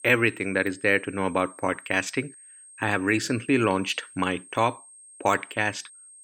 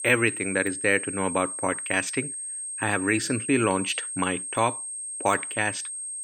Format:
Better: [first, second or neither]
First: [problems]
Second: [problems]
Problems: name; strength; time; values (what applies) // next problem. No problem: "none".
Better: first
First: high-pitched whine; faint; throughout; 8.5 kHz, 20 dB below the speech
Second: high-pitched whine; loud; throughout; 8.5 kHz, 5 dB below the speech